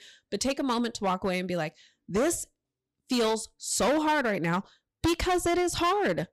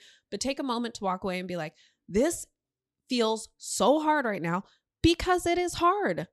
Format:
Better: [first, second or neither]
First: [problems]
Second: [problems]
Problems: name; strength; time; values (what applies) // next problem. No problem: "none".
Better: second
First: distortion; heavy; 11% of the sound clipped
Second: none